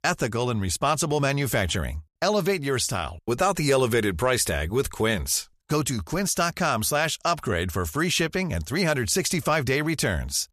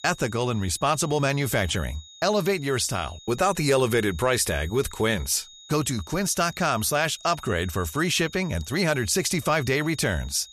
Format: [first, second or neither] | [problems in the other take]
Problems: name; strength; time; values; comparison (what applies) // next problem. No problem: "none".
first | high-pitched whine; faint; throughout; 4 kHz, 20 dB below the speech